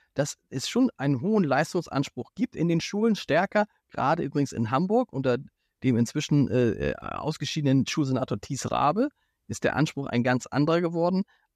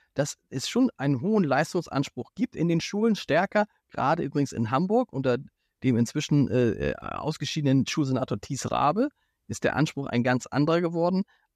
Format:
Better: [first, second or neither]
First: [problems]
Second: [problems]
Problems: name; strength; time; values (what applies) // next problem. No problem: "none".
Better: neither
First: none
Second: none